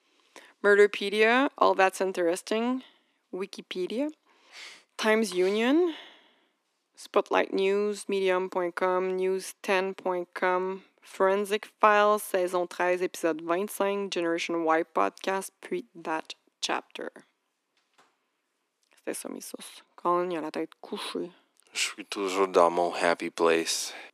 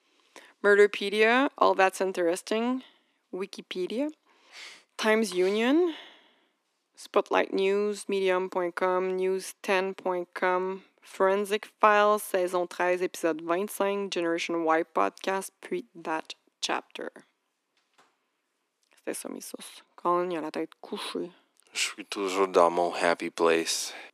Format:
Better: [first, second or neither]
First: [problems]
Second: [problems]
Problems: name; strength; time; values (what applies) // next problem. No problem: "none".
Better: neither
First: thin; very; fading below 300 Hz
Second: thin; very; fading below 300 Hz